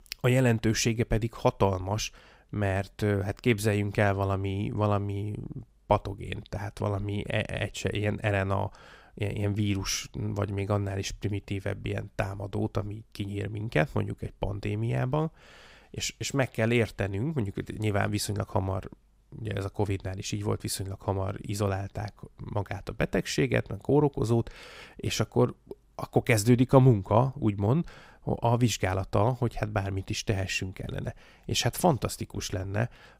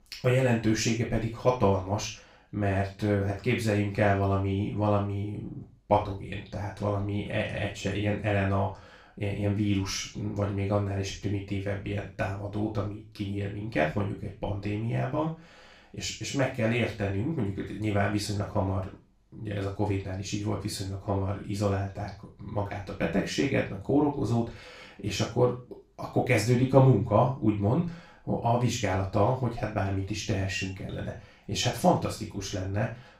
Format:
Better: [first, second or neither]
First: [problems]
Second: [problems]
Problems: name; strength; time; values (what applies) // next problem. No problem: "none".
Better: first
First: none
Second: room echo; noticeable; dies away in 0.3 s // off-mic speech; far